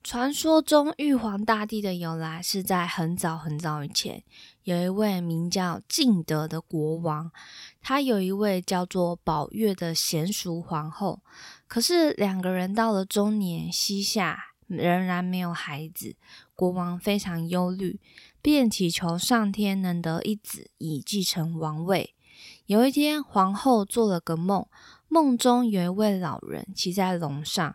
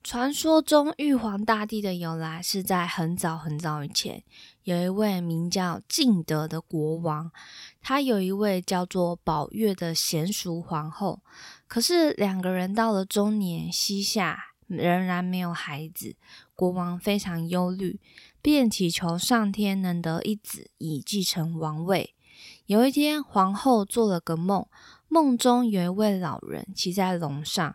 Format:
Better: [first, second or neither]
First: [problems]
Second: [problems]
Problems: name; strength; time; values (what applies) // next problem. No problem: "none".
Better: neither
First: none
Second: none